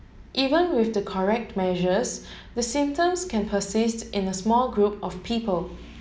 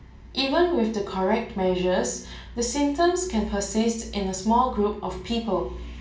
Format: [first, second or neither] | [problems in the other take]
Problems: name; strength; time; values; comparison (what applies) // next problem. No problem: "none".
first | room echo; dies away in 0.3 s